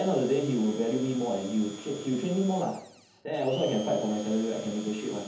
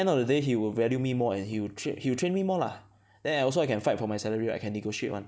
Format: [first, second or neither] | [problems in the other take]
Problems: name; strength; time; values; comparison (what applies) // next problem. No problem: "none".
second | background sound (Domestic sounds, home sounds); 17 dB below the speech // room echo; dies away in 0.6 s